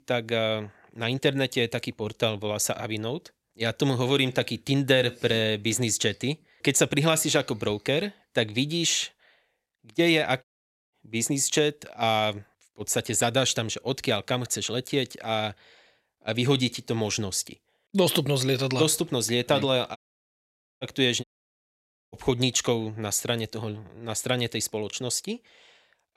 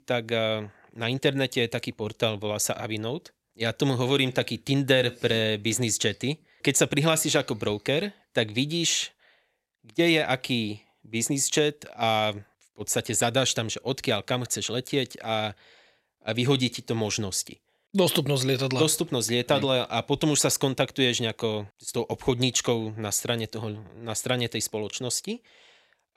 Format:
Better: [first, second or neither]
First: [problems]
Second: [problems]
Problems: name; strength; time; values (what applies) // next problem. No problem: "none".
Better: second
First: audio cutting out; at 10 s, at 20 s for 1 s and at 21 s for 1 s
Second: none